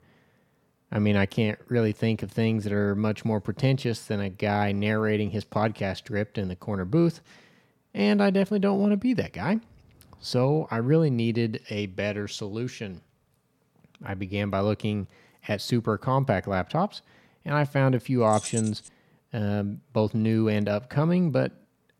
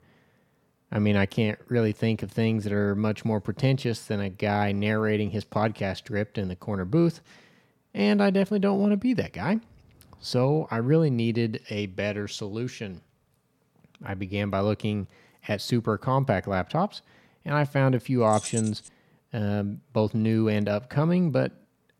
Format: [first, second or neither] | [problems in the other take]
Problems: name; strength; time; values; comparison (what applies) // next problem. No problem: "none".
neither | jangling keys; noticeable; at 18 s; peak 7 dB below the speech; the same in both